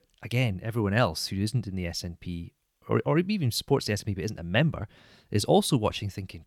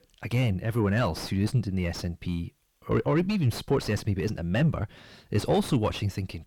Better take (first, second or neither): first